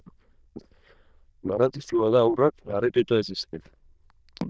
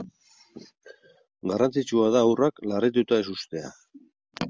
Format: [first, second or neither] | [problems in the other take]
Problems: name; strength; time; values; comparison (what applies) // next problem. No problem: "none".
second | noise reduction (neural diffusion model UNIVERSE++)